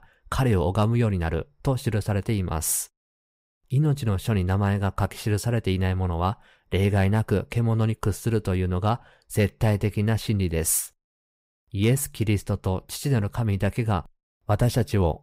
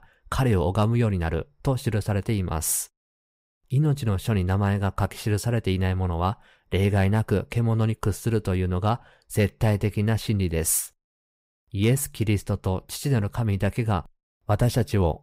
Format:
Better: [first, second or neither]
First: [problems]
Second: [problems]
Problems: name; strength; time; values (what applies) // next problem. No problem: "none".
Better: neither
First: none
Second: none